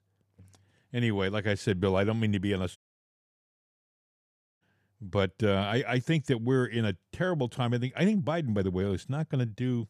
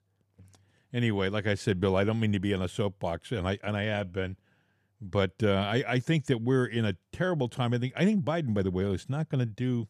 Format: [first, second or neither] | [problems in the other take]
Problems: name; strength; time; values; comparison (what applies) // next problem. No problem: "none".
second | audio cutting out; at 3 s for 2 s